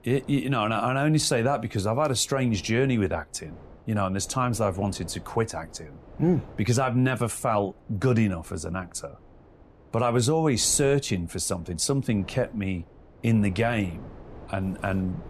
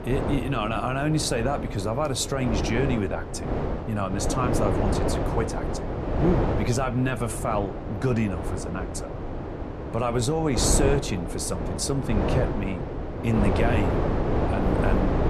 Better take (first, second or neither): first